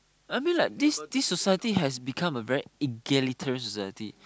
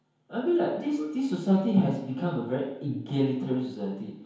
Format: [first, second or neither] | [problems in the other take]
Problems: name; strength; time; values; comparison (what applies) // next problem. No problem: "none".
first | room echo; dies away in 1 s